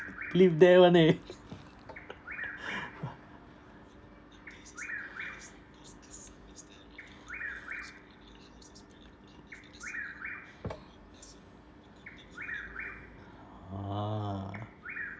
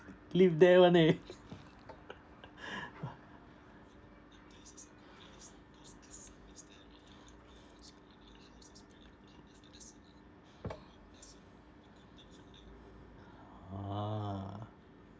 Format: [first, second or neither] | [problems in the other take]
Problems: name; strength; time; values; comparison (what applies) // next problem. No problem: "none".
second | background sound (Bird vocalization, bird call, bird song); 14 dB below the speech